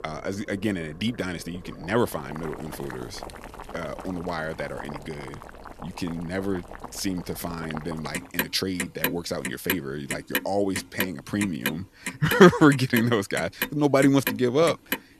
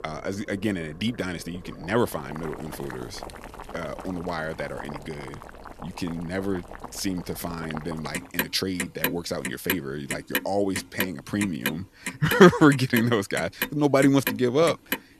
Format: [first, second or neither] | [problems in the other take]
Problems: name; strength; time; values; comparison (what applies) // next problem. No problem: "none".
neither | household noises; loud; throughout; 9 dB below the speech; the same in both